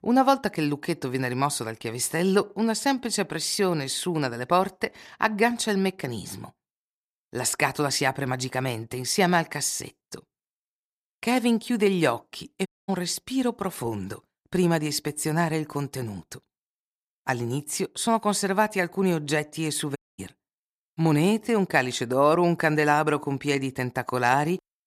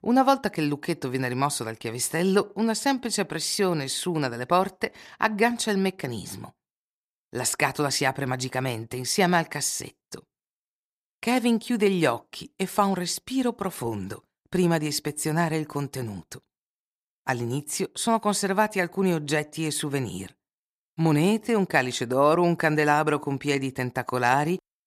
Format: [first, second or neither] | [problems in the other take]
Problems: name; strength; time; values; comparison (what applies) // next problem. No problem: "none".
second | audio cutting out; at 13 s and at 20 s